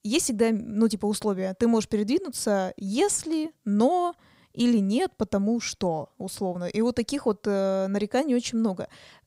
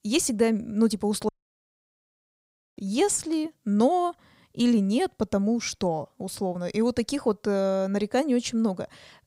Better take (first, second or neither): first